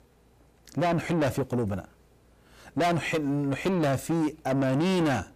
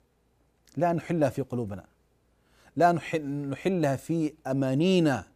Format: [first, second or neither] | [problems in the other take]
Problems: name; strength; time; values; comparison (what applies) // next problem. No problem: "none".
second | distortion; heavy; 6 dB below the speech